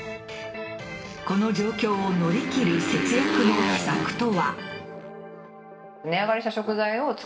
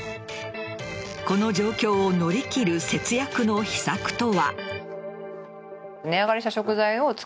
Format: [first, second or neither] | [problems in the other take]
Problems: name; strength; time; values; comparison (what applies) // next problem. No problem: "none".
second | background sound (Motorcycle); 2 dB below the speech // room echo; dies away in 1 s